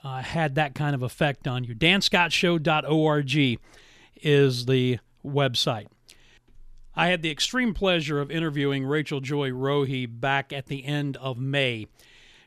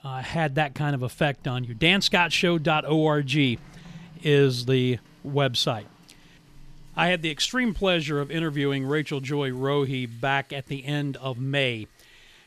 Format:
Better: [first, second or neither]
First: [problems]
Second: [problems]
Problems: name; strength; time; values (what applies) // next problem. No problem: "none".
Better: first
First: none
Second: household noises; faint; throughout; 30 dB below the speech